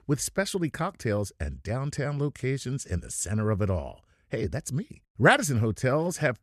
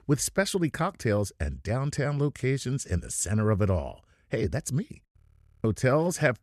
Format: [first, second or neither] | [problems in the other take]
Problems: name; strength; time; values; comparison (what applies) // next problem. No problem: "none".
first | audio freezing; at 5 s